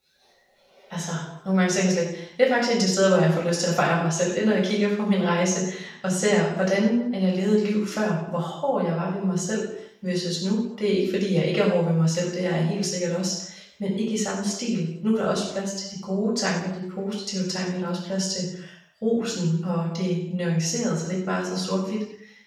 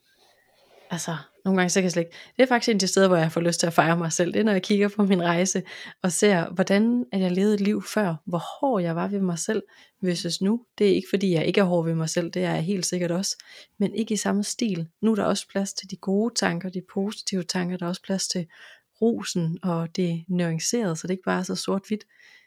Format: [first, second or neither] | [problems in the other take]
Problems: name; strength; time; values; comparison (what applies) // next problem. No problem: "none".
second | room echo; noticeable; dies away in 0.7 s // off-mic speech; far